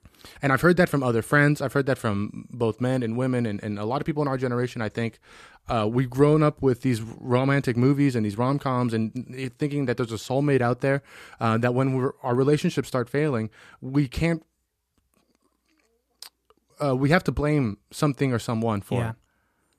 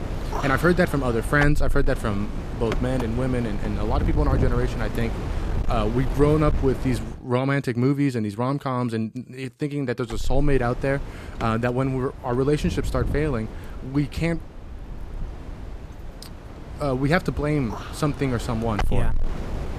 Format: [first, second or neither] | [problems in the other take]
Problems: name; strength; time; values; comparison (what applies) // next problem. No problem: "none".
first | wind noise on the microphone; occasional gusts; until 7 s and from 10 s on; 10 dB below the speech